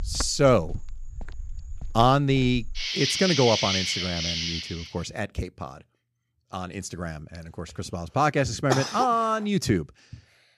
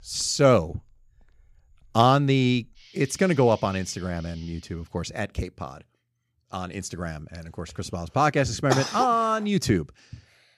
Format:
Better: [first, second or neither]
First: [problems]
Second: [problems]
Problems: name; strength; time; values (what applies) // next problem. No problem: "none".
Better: second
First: animal sounds; loud; until 4.5 s; 2 dB below the speech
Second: animal sounds; faint; until 4.5 s; 25 dB below the speech